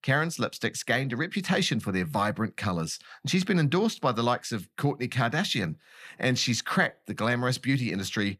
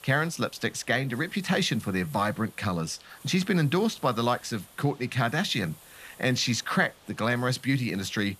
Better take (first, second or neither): first